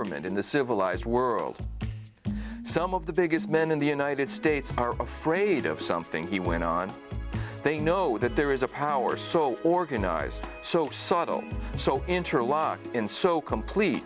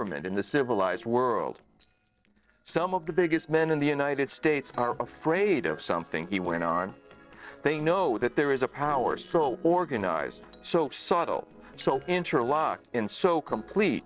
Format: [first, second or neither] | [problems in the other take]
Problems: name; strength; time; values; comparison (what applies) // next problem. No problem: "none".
first | noise reduction (neural separator model SepFormer DNS4)